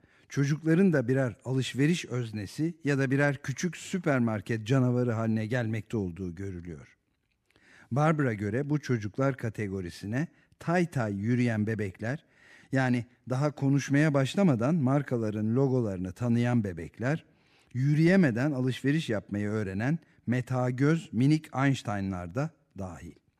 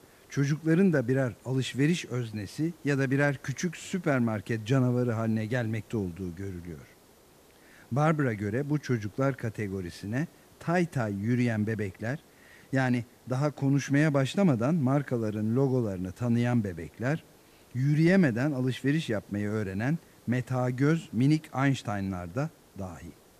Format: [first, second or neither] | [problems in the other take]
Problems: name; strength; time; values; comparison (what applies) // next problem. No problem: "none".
first | hiss; faint; throughout; 30 dB below the speech